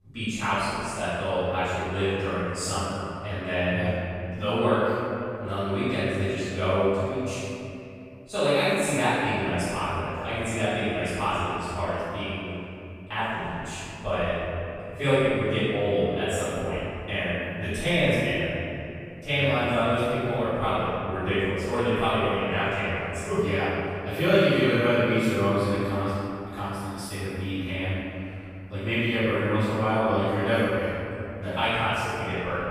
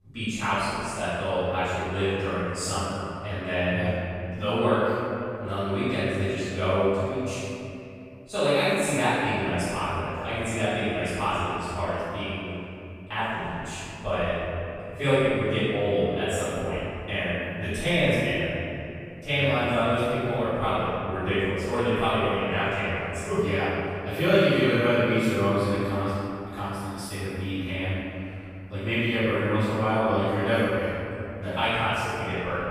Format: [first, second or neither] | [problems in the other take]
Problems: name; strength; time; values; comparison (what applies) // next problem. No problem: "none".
neither | room echo; strong; dies away in 2.6 s; the same in both // off-mic speech; far; the same in both